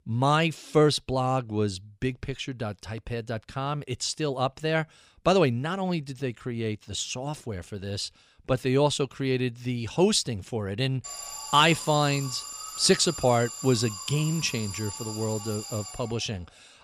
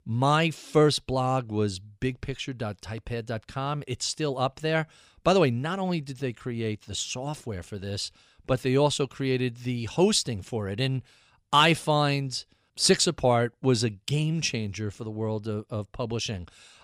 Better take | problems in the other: second | alarm; noticeable; from 11 to 16 s; peak 8 dB below the speech

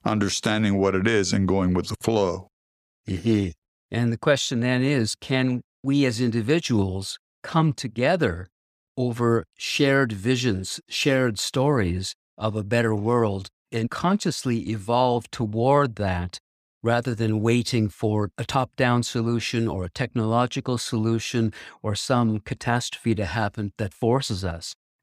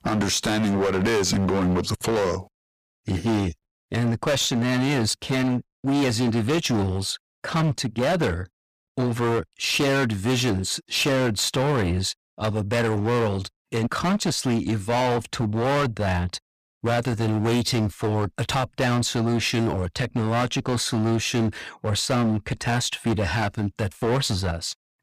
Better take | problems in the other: first | distortion; heavy; 20% of the sound clipped

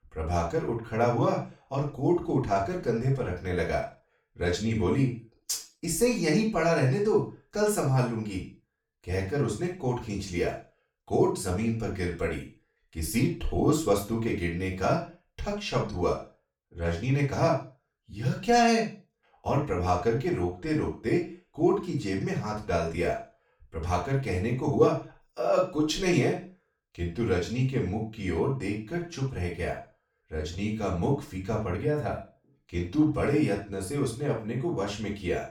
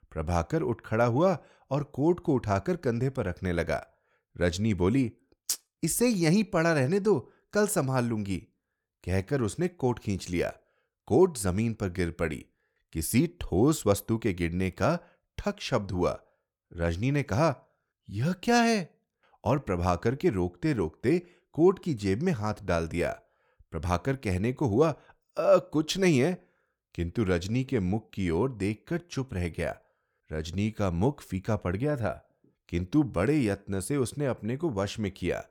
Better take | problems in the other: second | room echo; slight; dies away in 0.3 s // off-mic speech; far

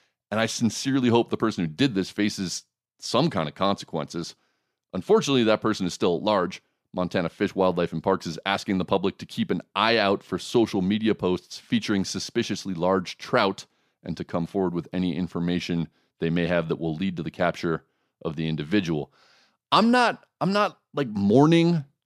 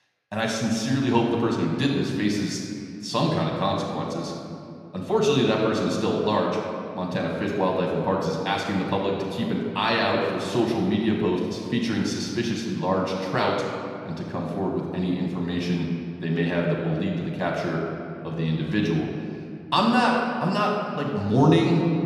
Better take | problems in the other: first | off-mic speech; somewhat distant // room echo; noticeable; dies away in 2 s

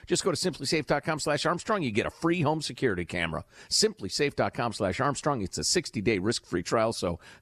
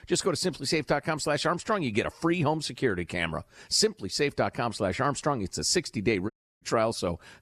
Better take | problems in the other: first | audio cutting out; at 6.5 s

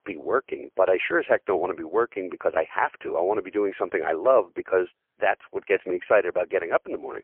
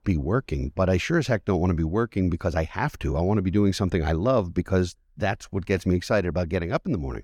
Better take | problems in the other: second | phone-call audio; poor line

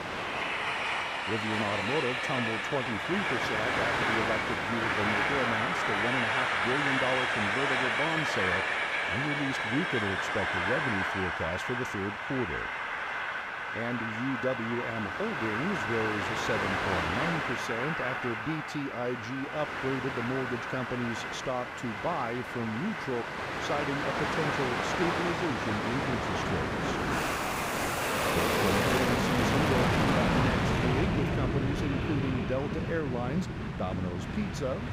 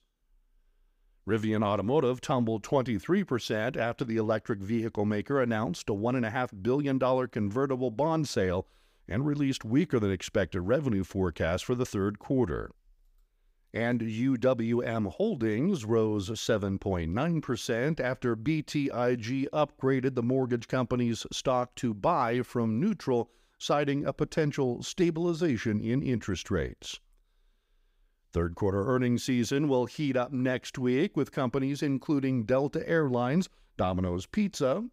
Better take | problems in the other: second | train or aircraft noise; very loud; throughout; 4 dB above the speech

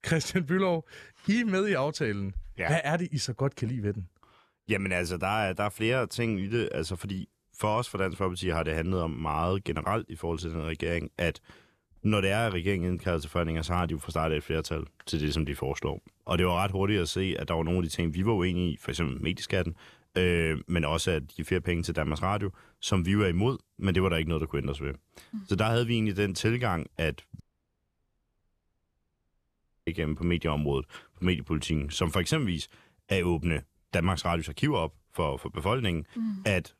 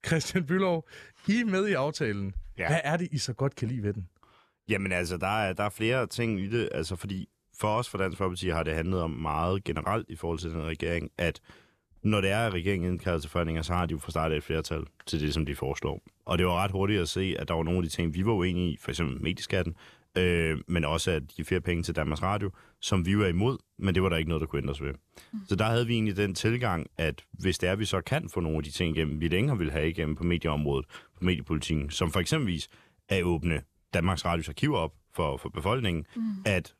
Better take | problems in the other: second | audio cutting out; at 27 s for 2.5 s

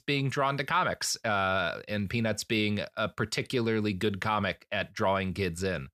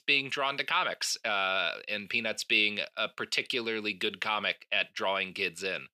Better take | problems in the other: first | thin; somewhat; fading below 300 Hz

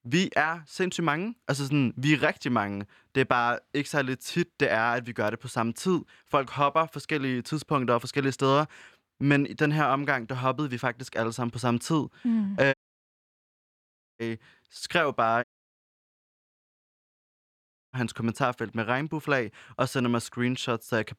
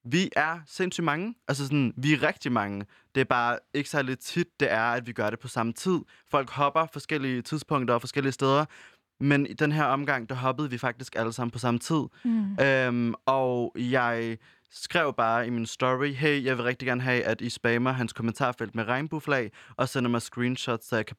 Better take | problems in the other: second | audio cutting out; at 13 s for 1.5 s and at 15 s for 2.5 s

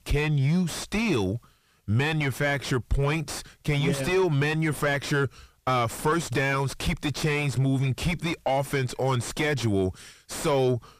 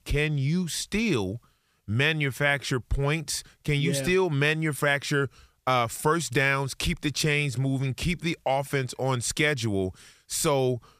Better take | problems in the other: second | distortion; heavy; 6 dB below the speech

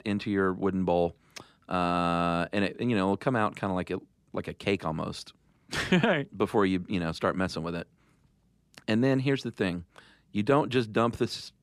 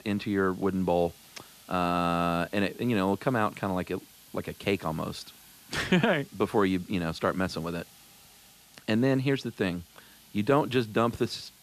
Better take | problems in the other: first | hiss; faint; throughout; 25 dB below the speech

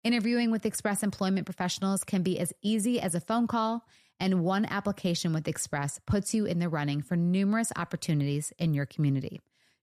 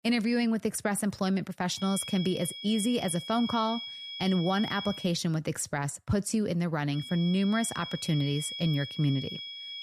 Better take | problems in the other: first | high-pitched whine; loud; from 1.5 to 5 s and from 7 s on; 3.5 kHz, 8 dB below the speech

